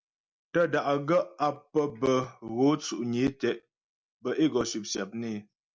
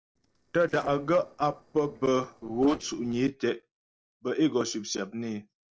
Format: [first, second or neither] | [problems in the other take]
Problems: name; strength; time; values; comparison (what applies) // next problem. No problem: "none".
first | noise reduction (neural separator model SepFormer DNS4)